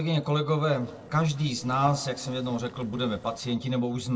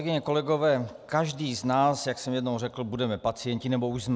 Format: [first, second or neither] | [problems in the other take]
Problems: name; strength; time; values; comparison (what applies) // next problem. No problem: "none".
second | noise reduction (neural separator model SepFormer DNS4)